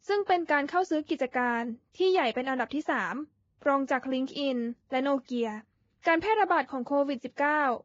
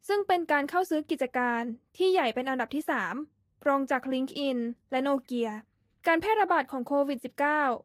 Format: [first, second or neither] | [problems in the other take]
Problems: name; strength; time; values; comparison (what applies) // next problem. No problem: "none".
second | garbled, watery; badly; slightly in the second